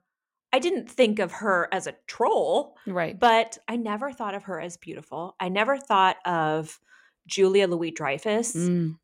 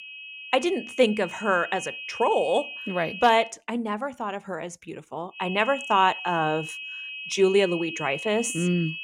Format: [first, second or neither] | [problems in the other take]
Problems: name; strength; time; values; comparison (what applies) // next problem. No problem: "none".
first | high-pitched whine; loud; until 3.5 s and from 5.5 s on; 2.5 kHz, 10 dB below the speech